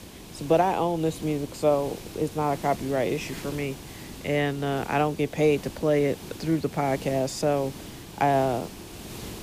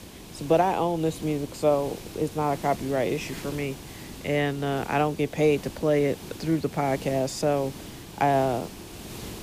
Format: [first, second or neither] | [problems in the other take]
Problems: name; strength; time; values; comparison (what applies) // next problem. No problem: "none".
neither | hiss; noticeable; throughout; 15 dB below the speech; the same in both